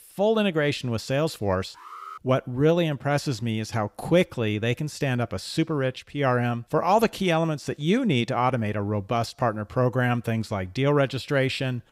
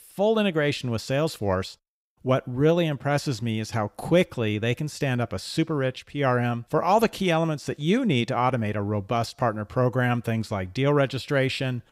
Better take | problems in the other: second | alarm; faint; at 1.5 s; peak 15 dB below the speech

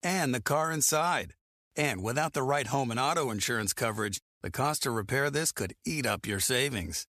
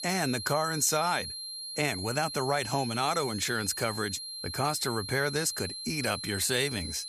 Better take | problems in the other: first | high-pitched whine; loud; throughout; 4 kHz, 7 dB below the speech

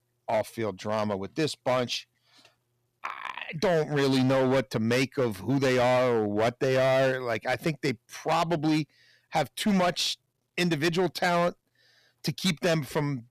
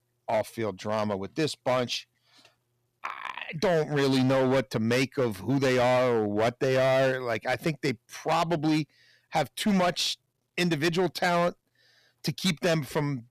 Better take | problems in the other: neither | distortion; heavy; 13% of the sound clipped; the same in both

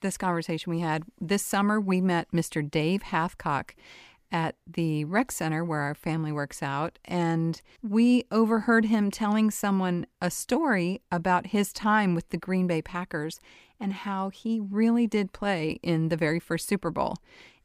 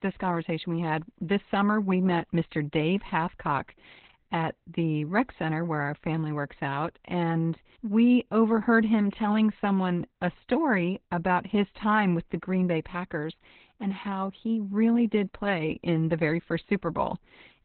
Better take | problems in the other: first | garbled, watery; badly; nothing above 4 kHz

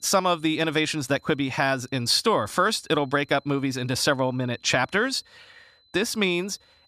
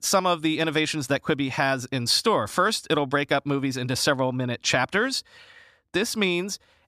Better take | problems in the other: second | high-pitched whine; faint; throughout; 4 kHz, 35 dB below the speech

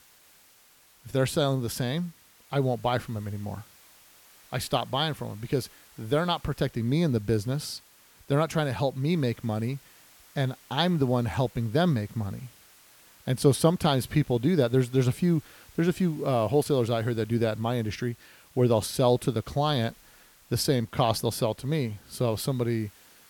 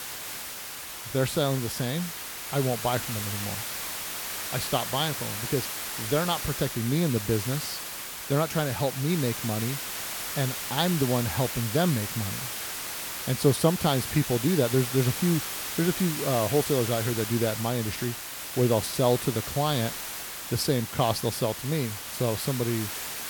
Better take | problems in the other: first | hiss; loud; throughout; 5 dB below the speech; faint in the first

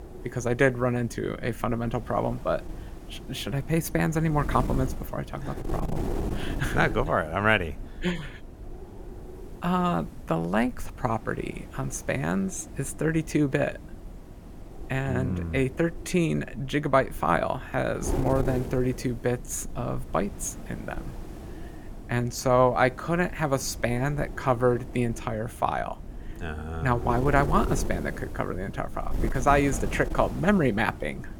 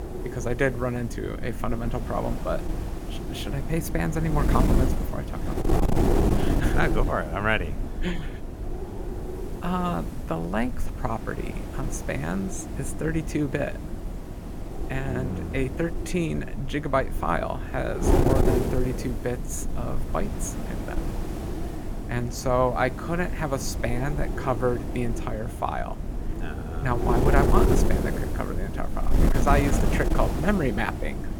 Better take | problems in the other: first | wind noise on the microphone; heavy; 5 dB below the speech; occasional gusts in the first

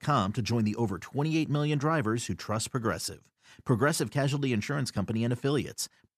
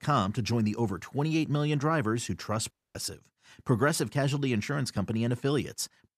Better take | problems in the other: first | audio cutting out; at 2.5 s

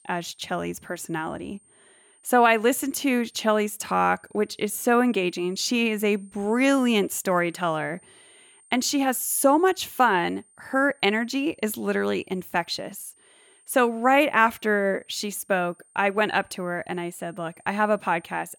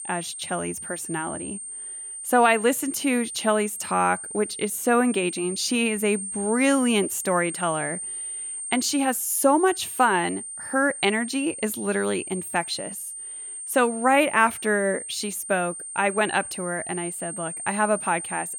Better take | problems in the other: first | high-pitched whine; loud; throughout; 9 kHz, 8 dB below the speech; faint in the first

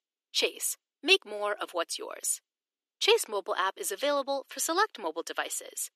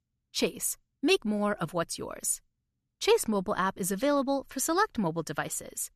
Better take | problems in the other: second | thin; very; fading below 350 Hz

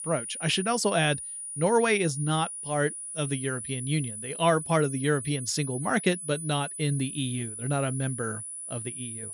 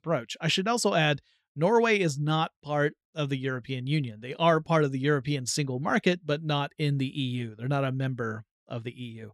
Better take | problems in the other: second | high-pitched whine; loud; throughout; 10 kHz, 7 dB below the speech

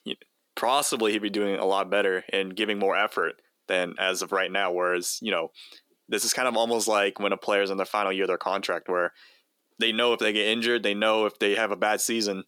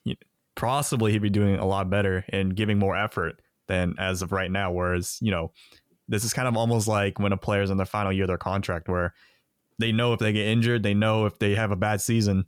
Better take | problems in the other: second | thin; somewhat; fading below 300 Hz

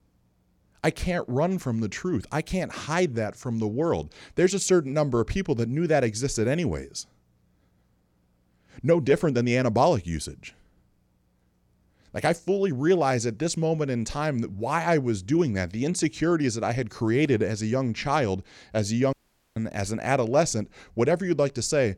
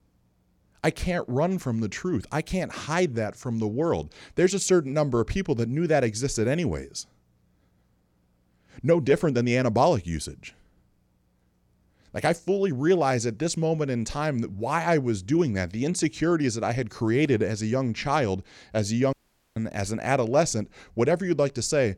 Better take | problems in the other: neither | audio cutting out; at 19 s; the same in both

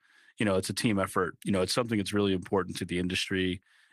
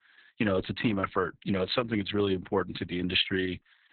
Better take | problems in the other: first | garbled, watery; badly; nothing above 4 kHz; slightly in the first

